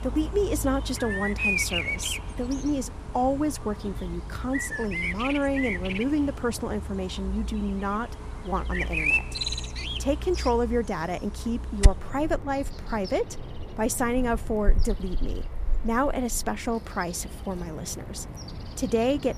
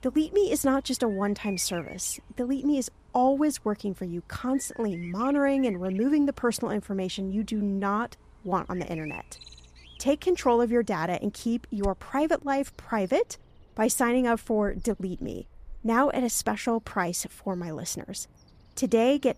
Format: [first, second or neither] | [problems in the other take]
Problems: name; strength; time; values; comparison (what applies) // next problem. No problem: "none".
second | animal sounds; loud; throughout; 3 dB below the speech; faint in the second